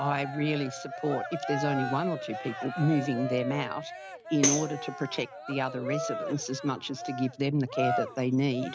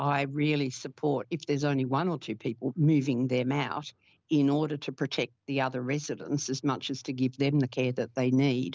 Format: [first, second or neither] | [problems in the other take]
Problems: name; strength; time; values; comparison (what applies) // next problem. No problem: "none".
second | background sound (Cheering + Tambourine); 5 dB below the speech